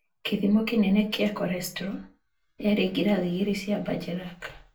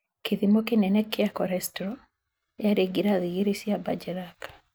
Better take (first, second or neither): second